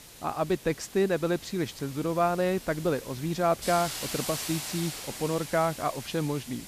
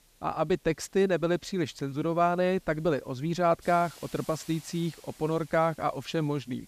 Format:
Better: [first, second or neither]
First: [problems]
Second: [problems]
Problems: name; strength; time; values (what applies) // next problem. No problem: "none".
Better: second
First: hiss; loud; throughout; 9 dB below the speech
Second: hiss; faint; throughout; 25 dB below the speech